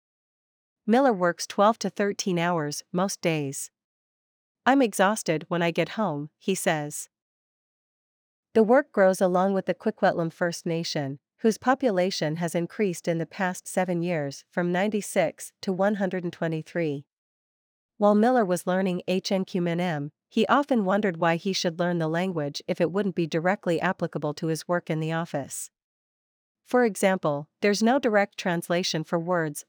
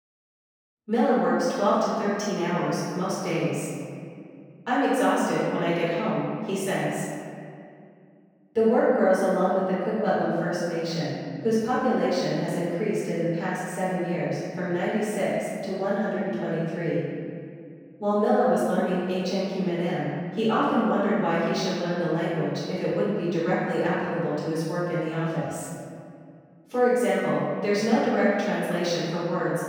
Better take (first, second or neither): first